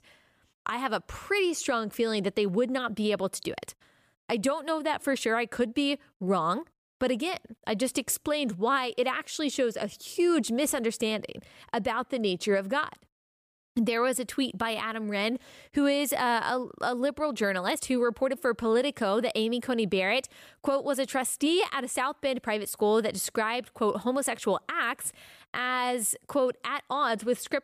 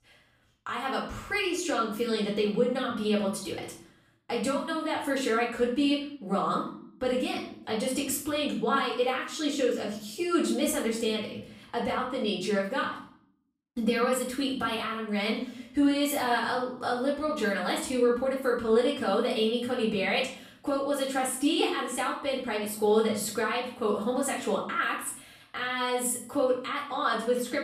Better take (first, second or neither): first